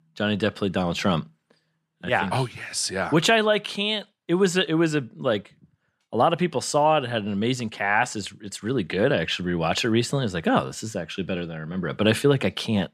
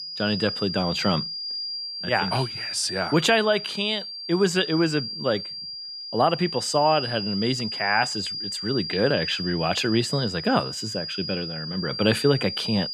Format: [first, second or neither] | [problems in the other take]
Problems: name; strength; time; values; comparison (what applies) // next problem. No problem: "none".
first | high-pitched whine; loud; throughout; 5 kHz, 5 dB below the speech